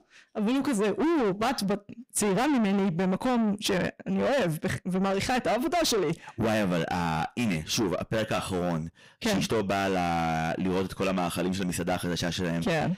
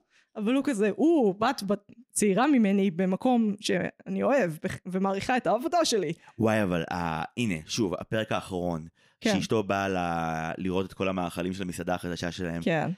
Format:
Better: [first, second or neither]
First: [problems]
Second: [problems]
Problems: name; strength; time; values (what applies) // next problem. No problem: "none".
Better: second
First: distortion; heavy; 7 dB below the speech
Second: none